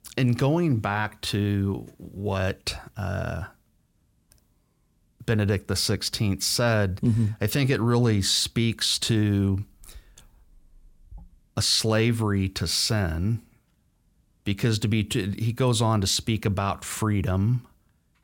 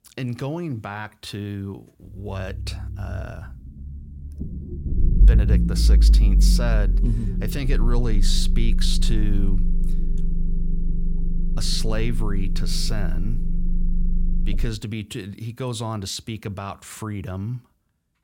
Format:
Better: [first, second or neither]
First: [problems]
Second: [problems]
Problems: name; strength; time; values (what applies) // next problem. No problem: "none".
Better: first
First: none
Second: low rumble; loud; from 2 to 15 s; 8 dB below the speech